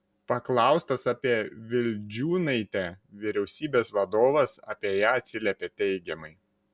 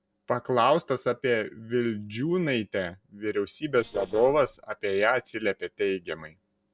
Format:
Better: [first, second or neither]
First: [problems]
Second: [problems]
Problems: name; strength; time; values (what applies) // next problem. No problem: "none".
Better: first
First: none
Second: noise reduction (neural separator model SepFormer DNS4)